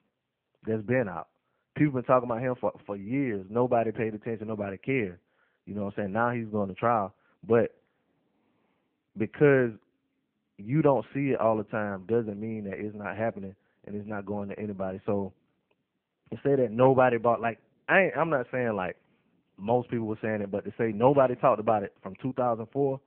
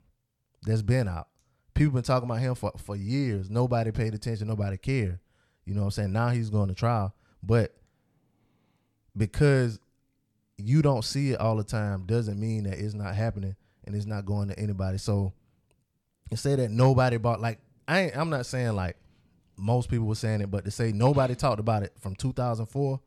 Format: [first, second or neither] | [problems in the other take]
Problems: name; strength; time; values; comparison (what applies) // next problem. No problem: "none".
second | phone-call audio; poor line